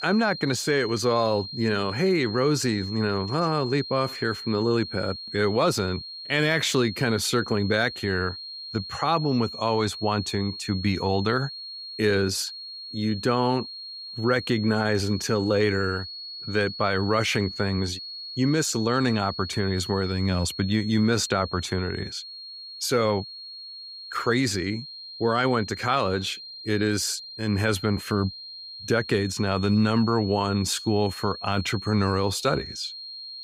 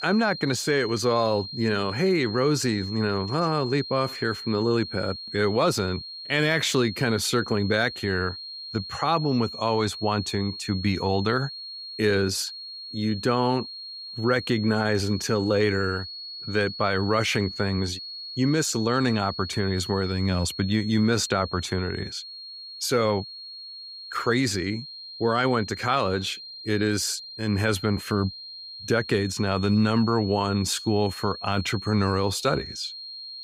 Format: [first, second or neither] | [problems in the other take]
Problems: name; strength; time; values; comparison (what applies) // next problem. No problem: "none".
neither | high-pitched whine; noticeable; throughout; 4.5 kHz, 10 dB below the speech; the same in both